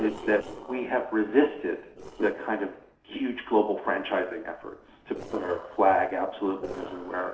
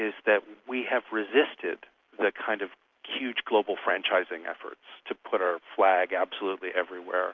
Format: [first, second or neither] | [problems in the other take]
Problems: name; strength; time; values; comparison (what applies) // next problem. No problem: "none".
second | noise reduction (neural separator model SepFormer DNS4)